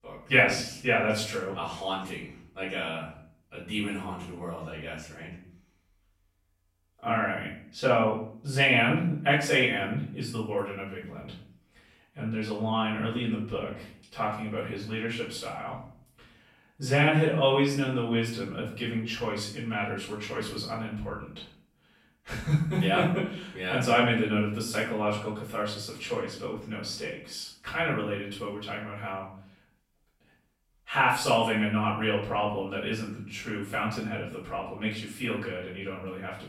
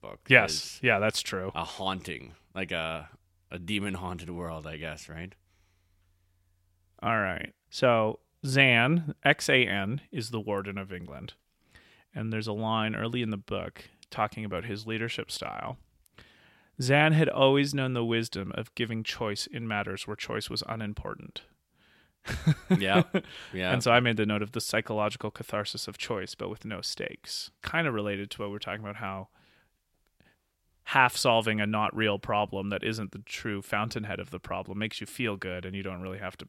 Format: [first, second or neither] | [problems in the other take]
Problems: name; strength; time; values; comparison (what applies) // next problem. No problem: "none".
second | room echo; noticeable; dies away in 0.5 s // off-mic speech; far